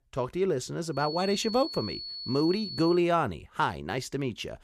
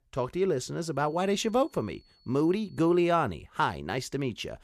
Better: second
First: high-pitched whine; loud; from 1 to 3 s; 4.5 kHz, 8 dB below the speech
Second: high-pitched whine; faint; from 1 to 3 s; 4.5 kHz, 35 dB below the speech

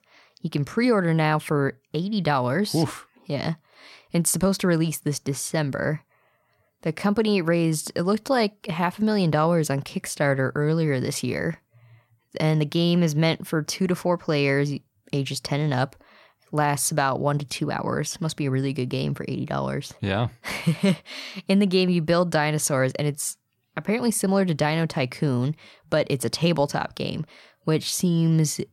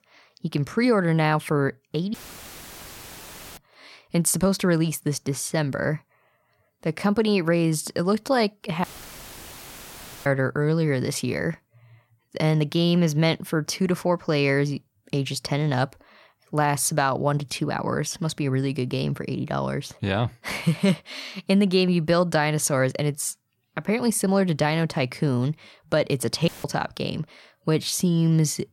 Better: first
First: none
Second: audio cutting out; filled with static; at 2 s for 1.5 s, at 9 s for 1.5 s and at 26 s

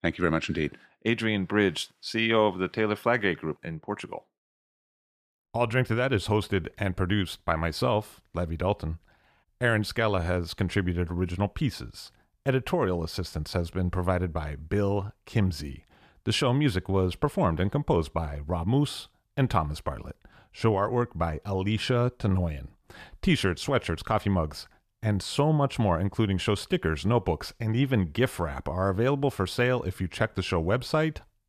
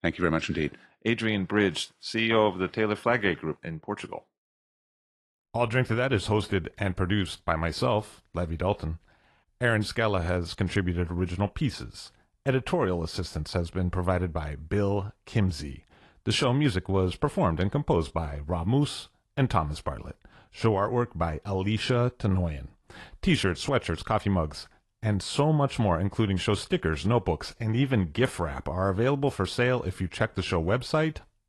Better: first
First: none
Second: garbled, watery; slightly; nothing above 11 kHz

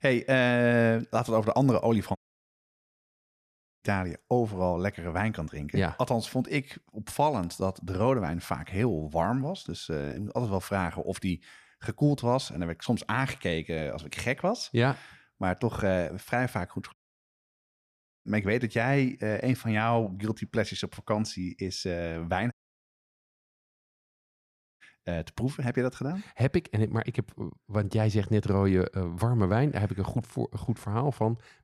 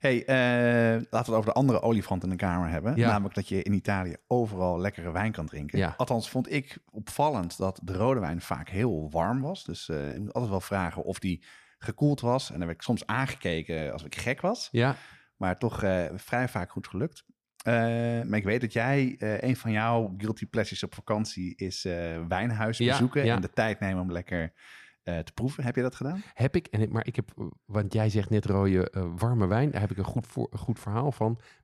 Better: second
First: audio cutting out; at 2 s for 1.5 s, at 17 s for 1.5 s and at 23 s for 2.5 s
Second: none

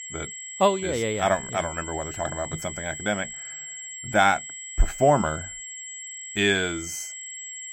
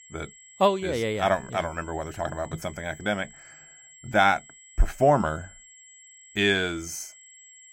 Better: second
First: high-pitched whine; loud; throughout; 7.5 kHz, 9 dB below the speech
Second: high-pitched whine; faint; throughout; 7.5 kHz, 20 dB below the speech

